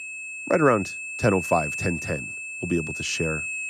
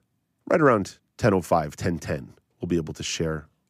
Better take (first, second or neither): second